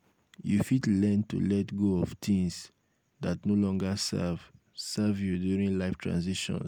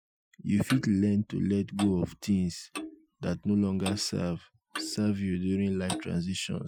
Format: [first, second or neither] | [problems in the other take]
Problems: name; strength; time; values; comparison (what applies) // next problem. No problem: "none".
first | noise reduction (classical method Wiener filter)